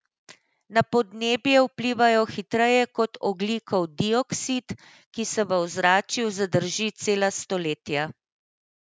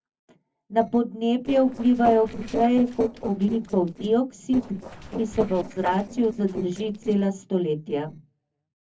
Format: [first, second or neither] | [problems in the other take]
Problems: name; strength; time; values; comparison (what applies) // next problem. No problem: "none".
first | noise reduction (neural separator model SepFormer DNS4)